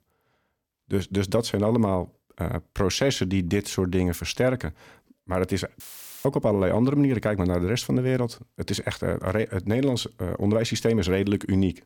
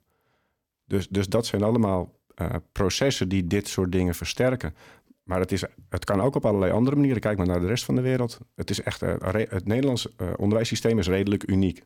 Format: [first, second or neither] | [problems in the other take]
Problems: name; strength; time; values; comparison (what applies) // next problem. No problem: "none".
second | audio cutting out; filled with static; at 6 s